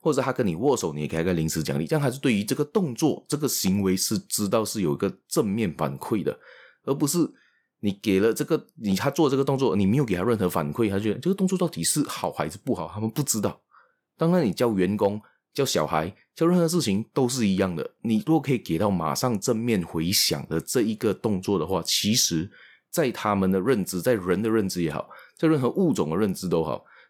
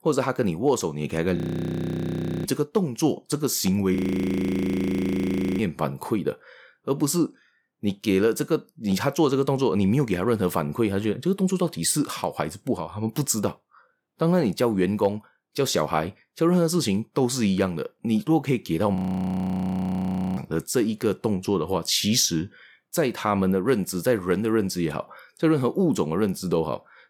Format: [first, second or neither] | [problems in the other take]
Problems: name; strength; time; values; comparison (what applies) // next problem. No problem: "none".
first | audio freezing; at 1.5 s for 1 s, at 4 s for 1.5 s and at 19 s for 1.5 s